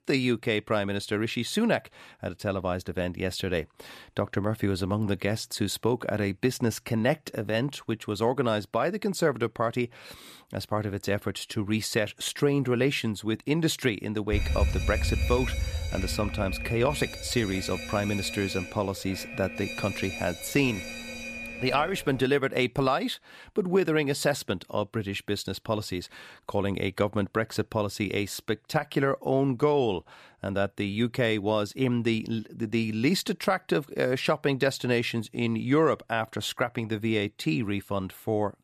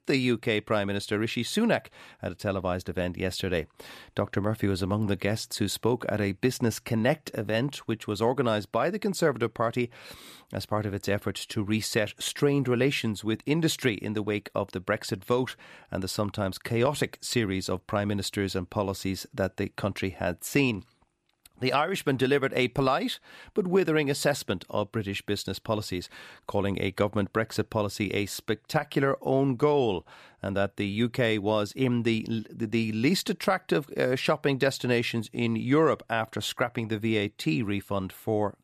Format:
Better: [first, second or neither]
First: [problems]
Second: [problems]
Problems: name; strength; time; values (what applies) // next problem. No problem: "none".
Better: second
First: alarm; loud; from 14 to 22 s; peak level with the speech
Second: none